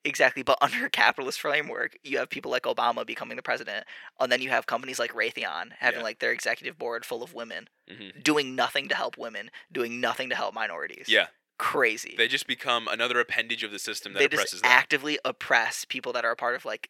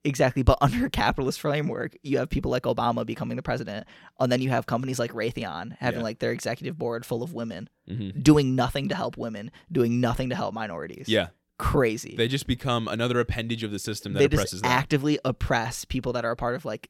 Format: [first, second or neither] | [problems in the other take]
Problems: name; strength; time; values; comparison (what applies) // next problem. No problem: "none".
second | thin; very; fading below 500 Hz